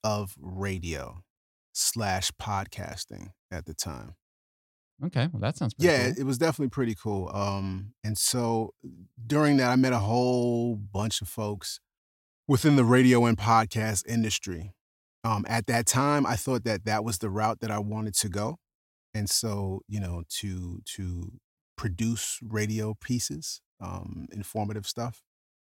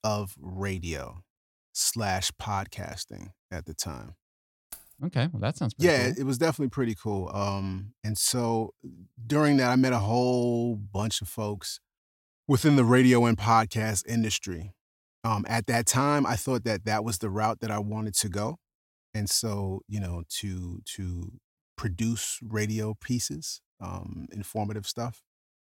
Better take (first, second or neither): first